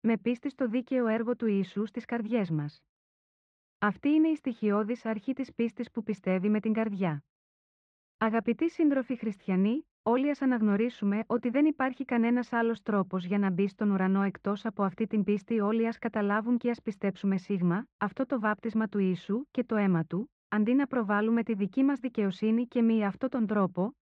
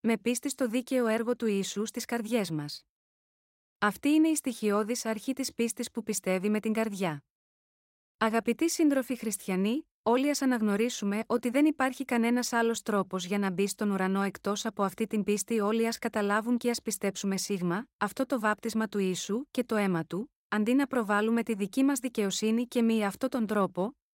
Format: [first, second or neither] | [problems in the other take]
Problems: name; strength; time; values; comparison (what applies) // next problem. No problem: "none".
second | muffled; very; fading above 2.5 kHz